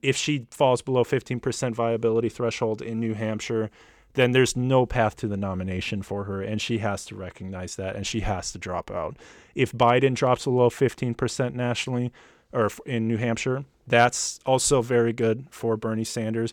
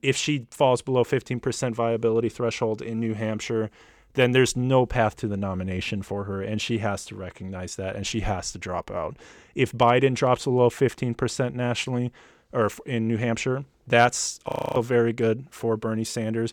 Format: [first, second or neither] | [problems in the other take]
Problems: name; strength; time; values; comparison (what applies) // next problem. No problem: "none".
first | audio freezing; at 14 s